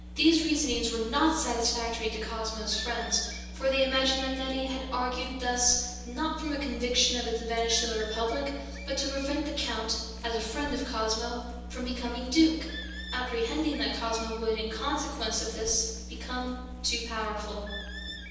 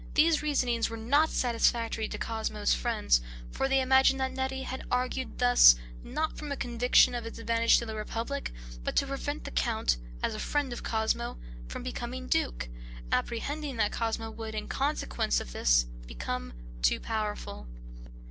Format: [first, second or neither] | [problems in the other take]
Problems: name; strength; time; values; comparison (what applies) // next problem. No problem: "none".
second | background sound (Bird); 17 dB below the speech // room echo; dies away in 1.1 s